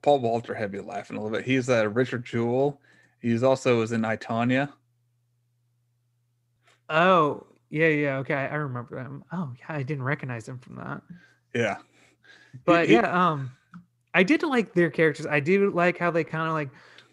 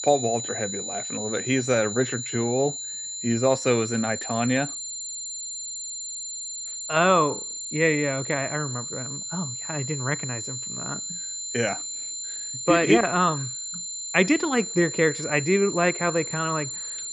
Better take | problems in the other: first | high-pitched whine; loud; throughout; 7 kHz, 6 dB below the speech

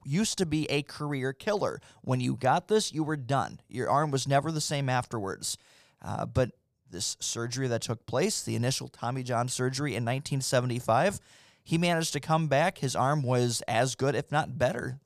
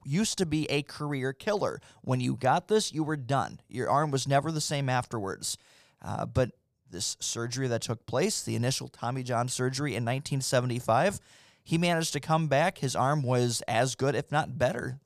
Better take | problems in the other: neither | none

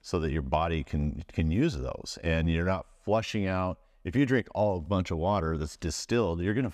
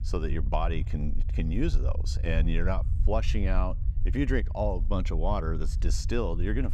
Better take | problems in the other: first | low rumble; noticeable; throughout; 15 dB below the speech

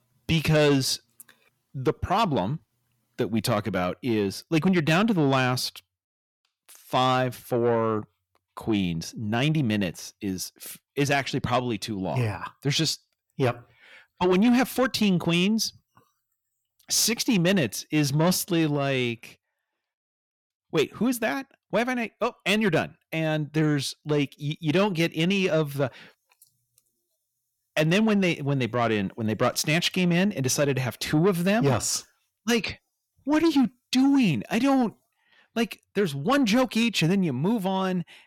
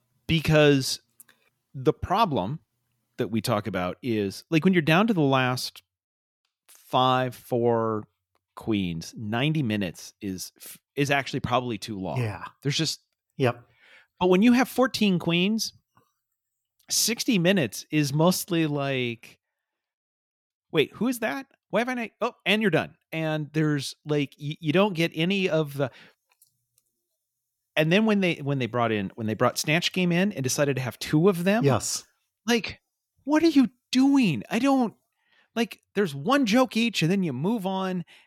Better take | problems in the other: second | distortion; slight; 10 dB below the speech

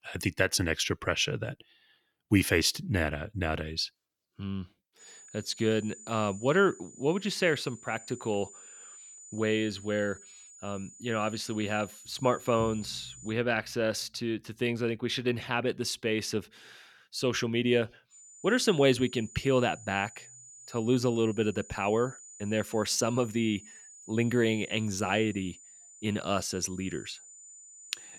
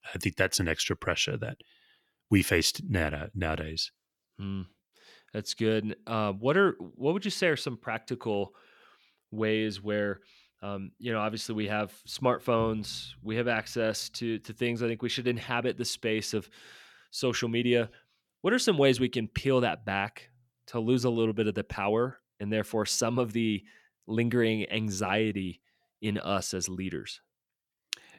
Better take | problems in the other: second | high-pitched whine; noticeable; from 5 to 13 s and from 18 s on; 7 kHz, 20 dB below the speech

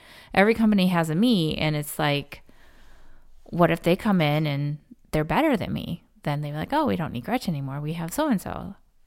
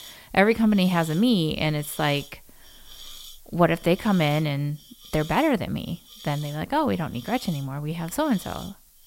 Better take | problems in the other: first | hiss; noticeable; throughout; 20 dB below the speech

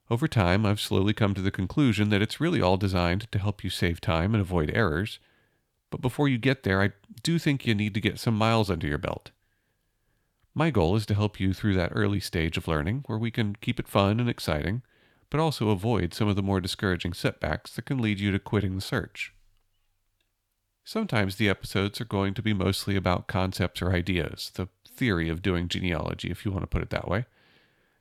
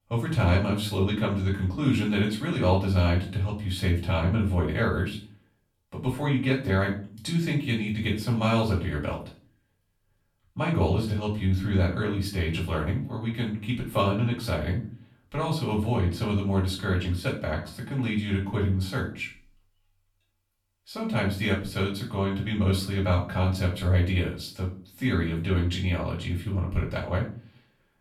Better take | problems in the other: first | room echo; slight; dies away in 0.4 s // off-mic speech; far

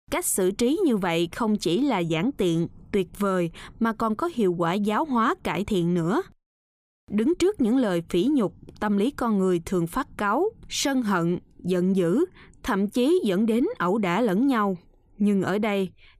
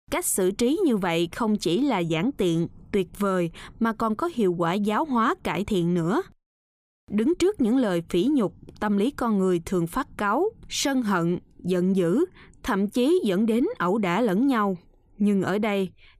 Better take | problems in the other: neither | none

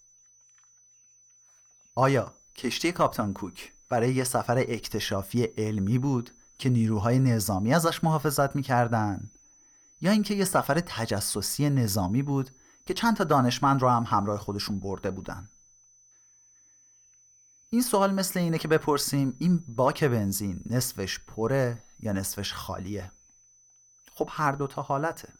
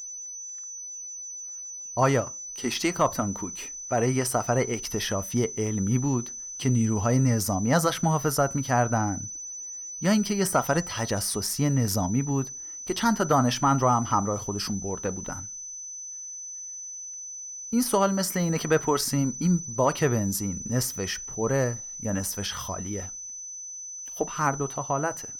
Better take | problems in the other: first | high-pitched whine; loud; throughout; 6 kHz, 9 dB below the speech; faint in the first

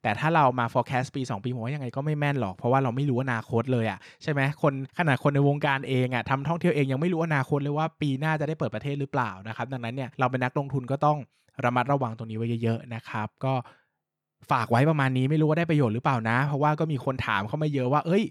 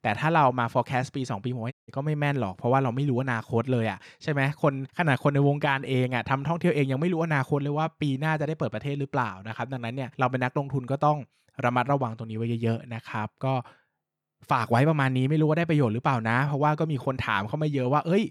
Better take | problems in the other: first | audio cutting out; at 1.5 s

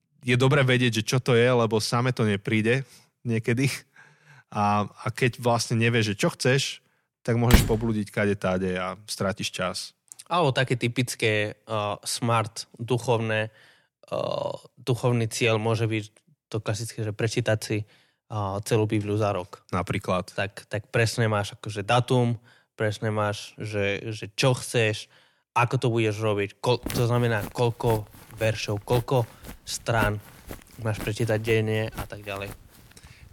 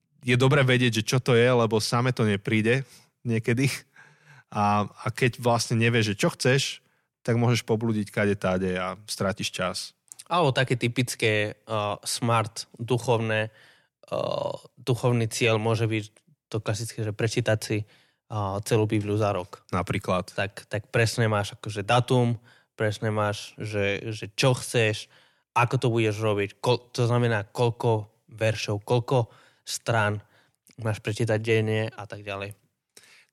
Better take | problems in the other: second | door banging; loud; at 7.5 s; peak 3 dB above the speech // footsteps; noticeable; from 27 s on; peak 7 dB below the speech

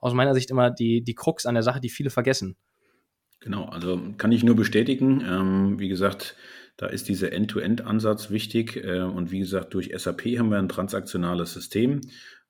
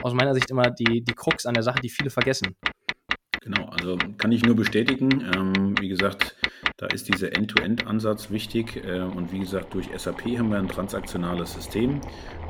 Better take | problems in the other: first | household noises; loud; throughout; 2 dB below the speech

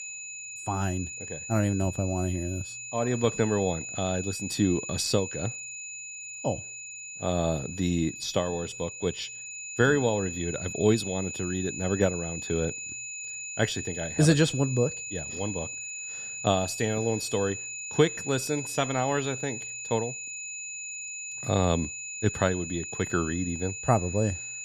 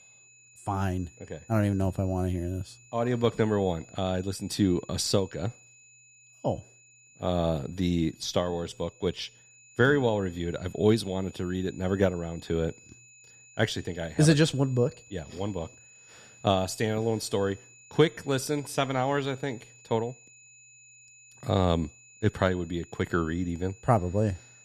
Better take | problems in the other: second | high-pitched whine; loud; throughout; 7 kHz, 7 dB below the speech; faint in the second

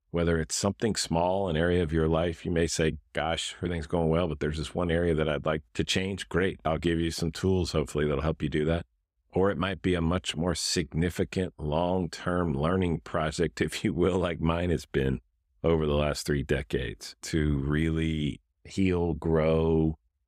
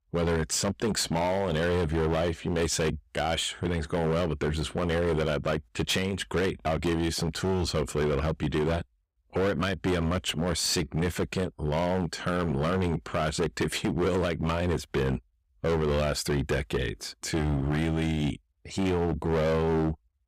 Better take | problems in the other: first | distortion; heavy; 19% of the sound clipped

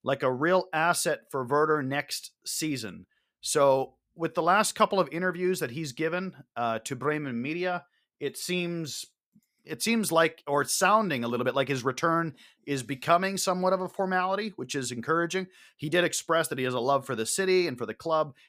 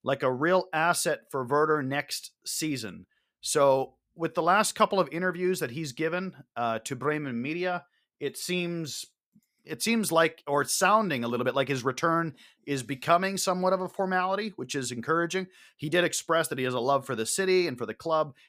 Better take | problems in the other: neither | none

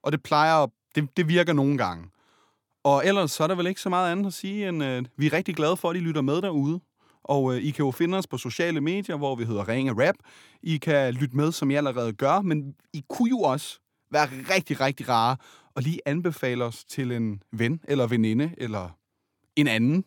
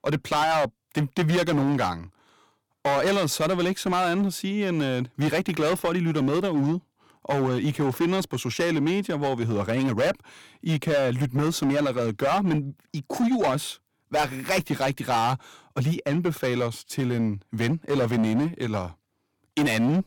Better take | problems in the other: first | distortion; heavy; 13% of the sound clipped

